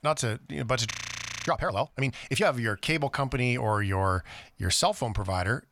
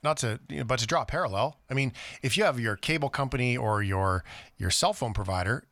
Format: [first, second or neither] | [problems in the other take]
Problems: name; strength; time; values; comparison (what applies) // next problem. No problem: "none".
second | audio freezing; at 1 s for 0.5 s